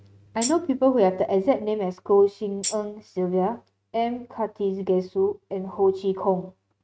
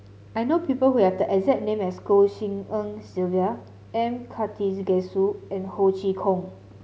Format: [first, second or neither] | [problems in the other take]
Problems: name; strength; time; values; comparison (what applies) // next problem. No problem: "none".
second | noise reduction (neural mask model RNNoise)